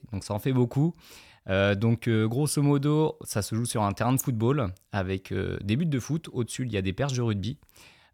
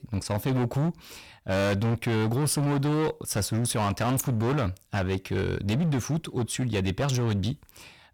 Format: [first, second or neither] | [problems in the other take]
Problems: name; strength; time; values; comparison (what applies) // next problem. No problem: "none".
first | distortion; heavy; 21% of the sound clipped